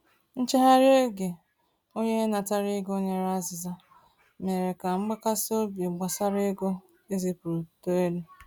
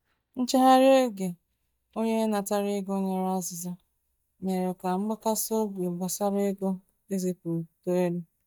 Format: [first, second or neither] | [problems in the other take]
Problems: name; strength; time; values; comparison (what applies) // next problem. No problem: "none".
first | noise reduction (neural mask model DeepFilterNet 3)